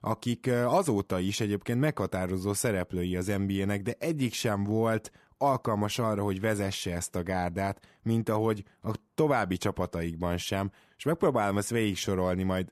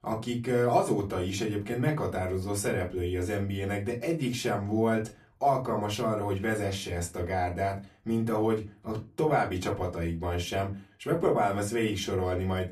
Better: first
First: none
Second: off-mic speech; far // room echo; very slight; dies away in 0.2 s

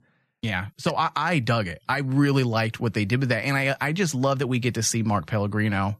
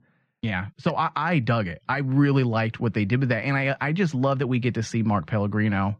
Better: first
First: none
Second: muffled; slightly; fading above 3 kHz

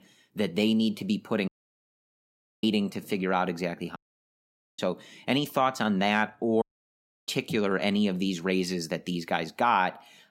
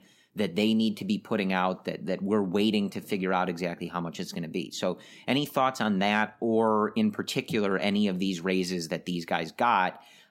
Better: second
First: audio cutting out; at 1.5 s for 1 s, at 4 s for 1 s and at 6.5 s for 0.5 s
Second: none

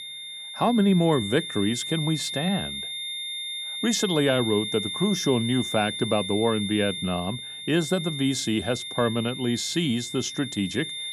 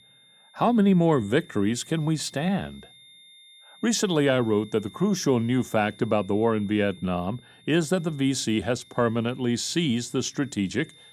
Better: second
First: high-pitched whine; loud; throughout; 3.5 kHz, 6 dB below the speech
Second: high-pitched whine; faint; throughout; 3.5 kHz, 25 dB below the speech

